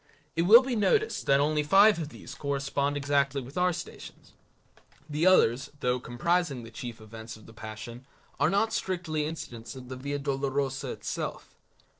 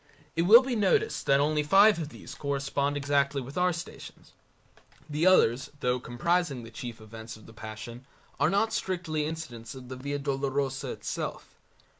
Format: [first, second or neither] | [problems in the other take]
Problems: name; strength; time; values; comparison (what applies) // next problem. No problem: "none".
second | noise reduction (neural separator model SepFormer DNS4)